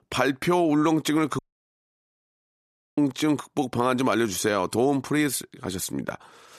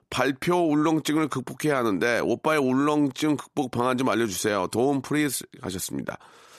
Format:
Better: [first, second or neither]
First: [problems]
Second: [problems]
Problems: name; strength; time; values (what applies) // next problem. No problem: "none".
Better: second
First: audio cutting out; at 1.5 s for 1.5 s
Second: none